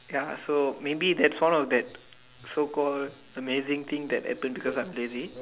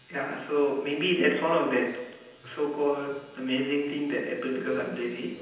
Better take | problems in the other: first | room echo; dies away in 0.9 s

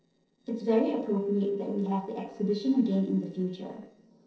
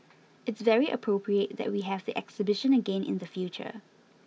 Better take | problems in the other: second | noise reduction (neural separator model SepFormer DNS4)

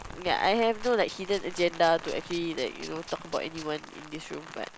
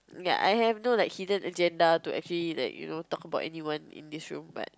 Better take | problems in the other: second | background sound (Tools + Rain); 13 dB below the speech

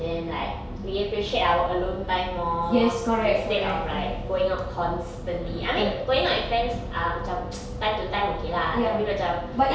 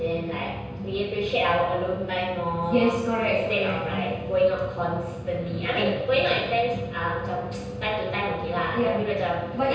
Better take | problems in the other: first | room echo; dies away in 0.9 s

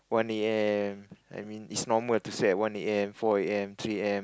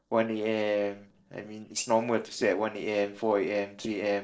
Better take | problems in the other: first | noise reduction (neural separator model SepFormer DNS4)

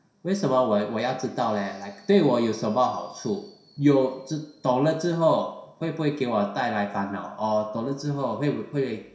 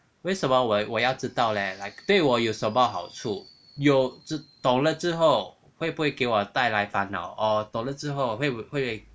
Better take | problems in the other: second | room echo; dies away in 0.7 s

